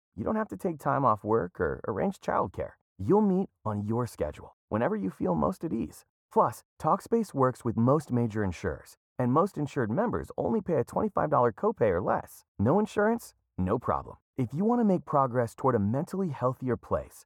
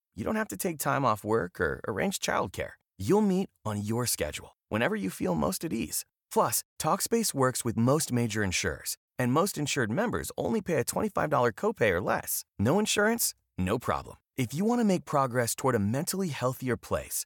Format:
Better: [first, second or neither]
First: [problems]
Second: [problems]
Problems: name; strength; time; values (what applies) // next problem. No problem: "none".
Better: second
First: muffled; very; fading above 1.5 kHz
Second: none